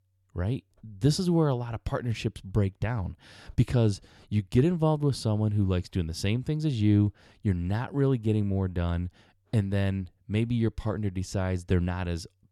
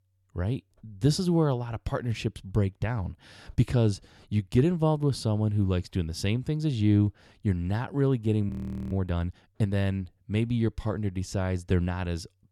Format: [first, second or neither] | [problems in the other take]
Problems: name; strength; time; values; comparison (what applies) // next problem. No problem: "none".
first | audio freezing; at 8.5 s